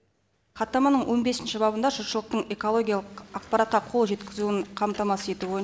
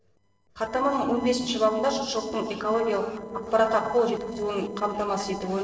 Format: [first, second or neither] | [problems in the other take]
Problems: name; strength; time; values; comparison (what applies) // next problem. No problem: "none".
first | noise reduction (neural separator model SepFormer DNS4)